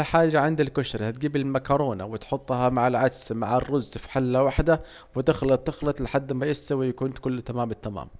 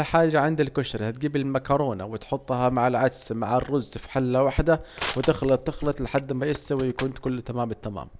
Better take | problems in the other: first | background sound (Crushing); 14 dB below the speech

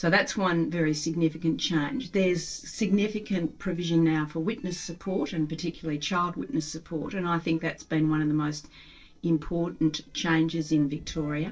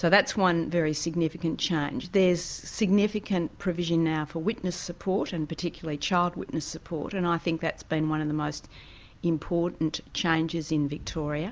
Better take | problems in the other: second | noise reduction (neural separator model SepFormer DNS4)

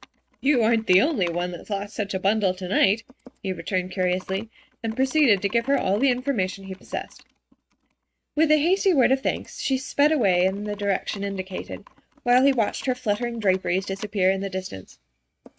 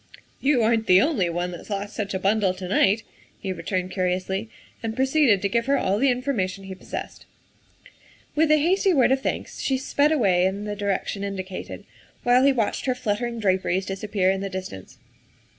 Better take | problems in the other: second | noise reduction (neural mask model RNNoise)

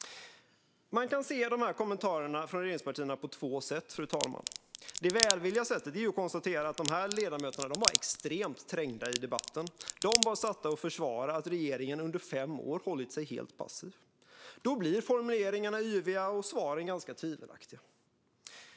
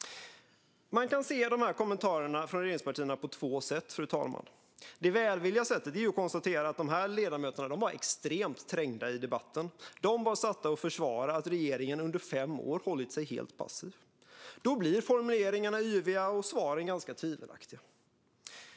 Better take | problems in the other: second | background sound (Crack); 1 dB below the speech

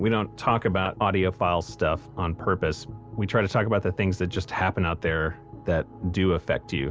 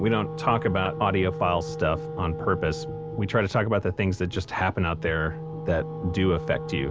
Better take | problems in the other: first | background sound (Wind instrument, woodwind instrument); 9 dB below the speech

